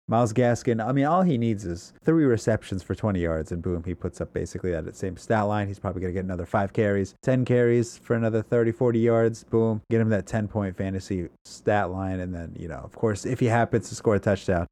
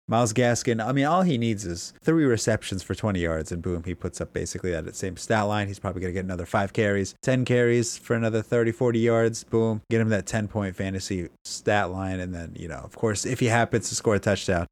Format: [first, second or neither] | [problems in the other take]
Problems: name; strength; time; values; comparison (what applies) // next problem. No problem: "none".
second | muffled; slightly; fading above 2 kHz